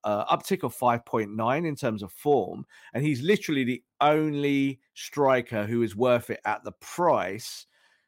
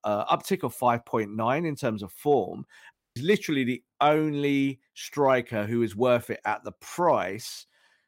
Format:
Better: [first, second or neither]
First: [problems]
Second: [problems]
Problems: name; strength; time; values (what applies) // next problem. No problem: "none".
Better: first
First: none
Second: audio cutting out; at 3 s